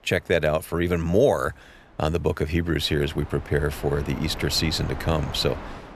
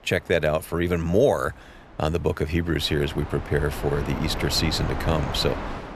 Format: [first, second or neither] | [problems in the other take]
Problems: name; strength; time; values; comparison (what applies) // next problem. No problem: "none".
first | wind noise on the microphone; heavy; 8 dB below the speech; occasional gusts in the first